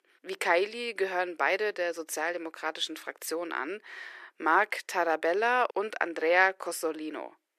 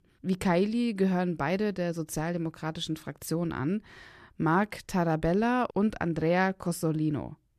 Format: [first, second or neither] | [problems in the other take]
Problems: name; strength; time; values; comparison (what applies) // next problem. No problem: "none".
second | thin; very; fading below 400 Hz